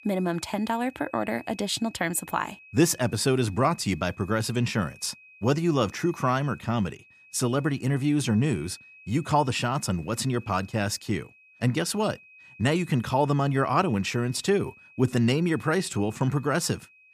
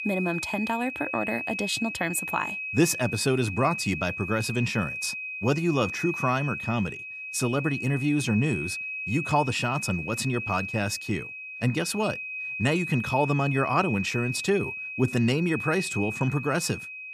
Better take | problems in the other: first | high-pitched whine; loud; throughout; 2.5 kHz, 5 dB below the speech; faint in the first

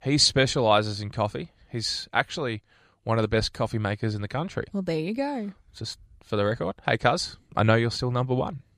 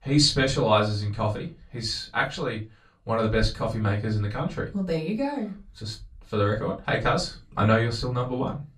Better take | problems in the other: first | off-mic speech; far // room echo; very slight; dies away in 0.2 s

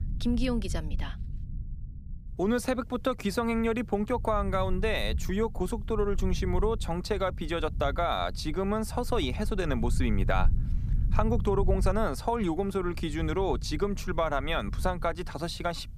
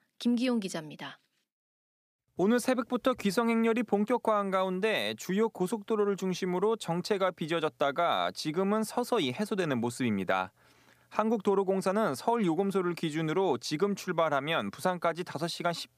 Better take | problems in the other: second | low rumble; faint; throughout; 20 dB below the speech

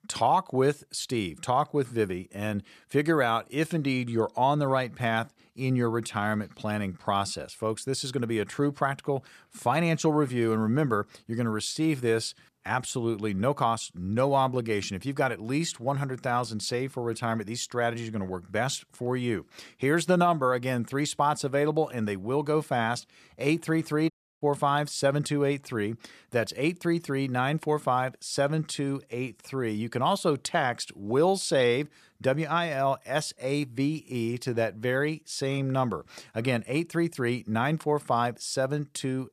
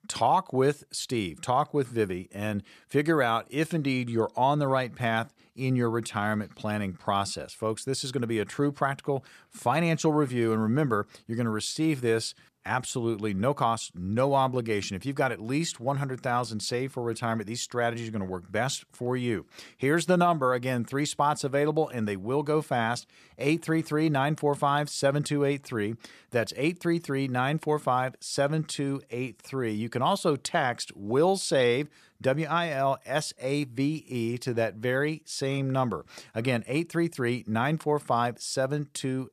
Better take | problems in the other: second | audio cutting out; at 24 s

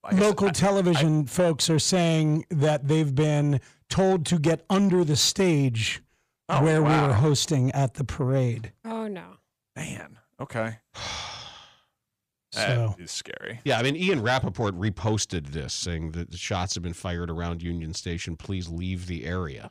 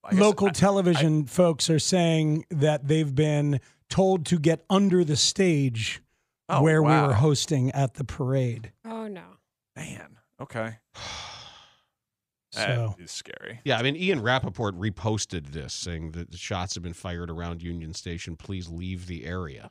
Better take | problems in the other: second | distortion; slight; 10 dB below the speech

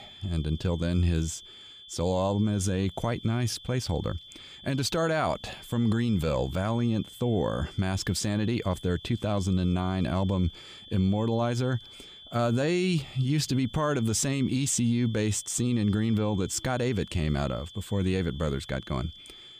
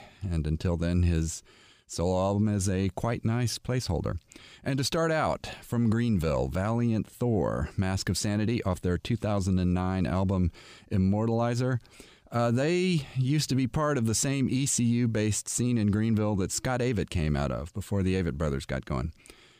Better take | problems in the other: second | high-pitched whine; noticeable; throughout; 3.5 kHz, 15 dB below the speech

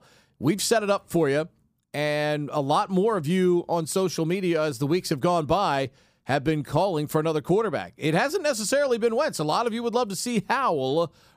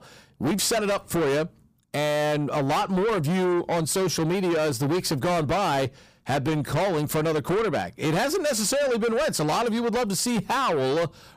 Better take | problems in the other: first | distortion; heavy; 7 dB below the speech

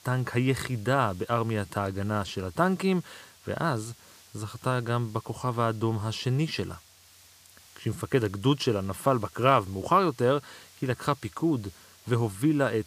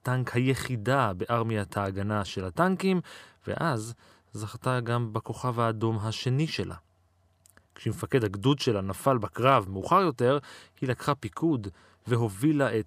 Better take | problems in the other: second | hiss; faint; throughout; 25 dB below the speech

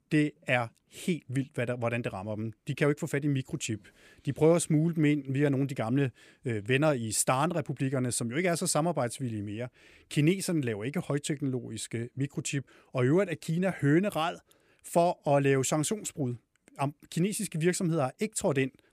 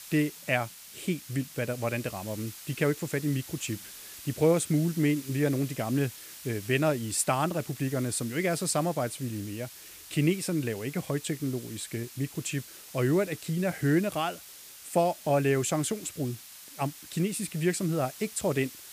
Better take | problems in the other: first | hiss; noticeable; throughout; 15 dB below the speech

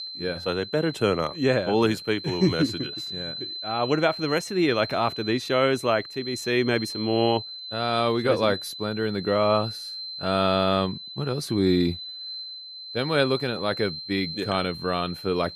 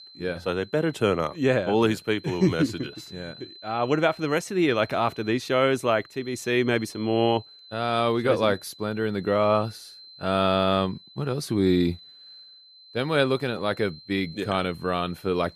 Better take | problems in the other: second | high-pitched whine; loud; throughout; 4 kHz, 9 dB below the speech; faint in the second

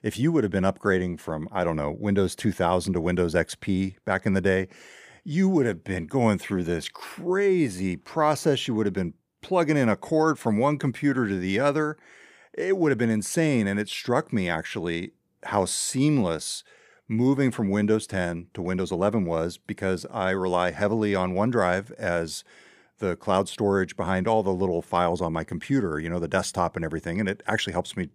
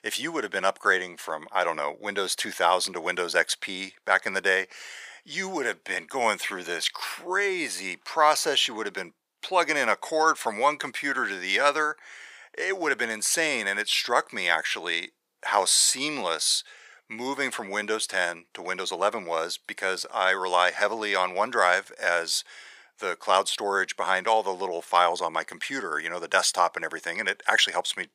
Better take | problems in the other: first | thin; very; fading below 850 Hz

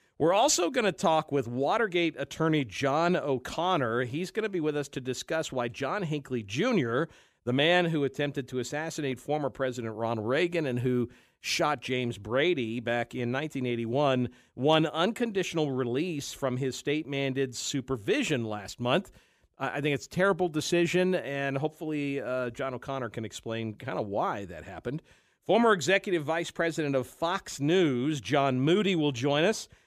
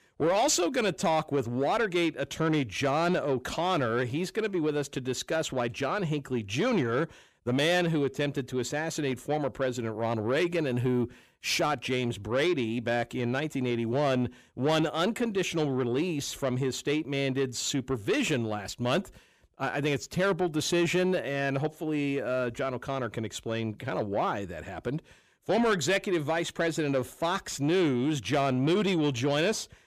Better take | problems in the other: first | distortion; slight; 10 dB below the speech

